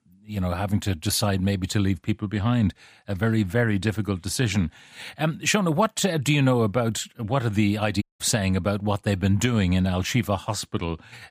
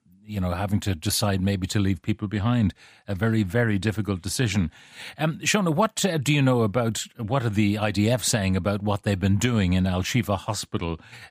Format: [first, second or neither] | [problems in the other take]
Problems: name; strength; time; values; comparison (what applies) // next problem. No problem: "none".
second | audio cutting out; at 8 s